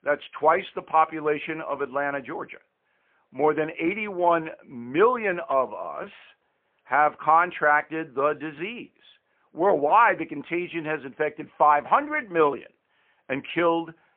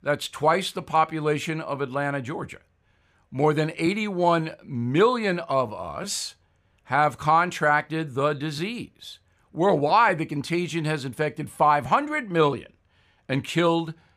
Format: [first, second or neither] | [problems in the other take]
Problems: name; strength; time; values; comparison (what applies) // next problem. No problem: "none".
second | phone-call audio; poor line; nothing above 3.5 kHz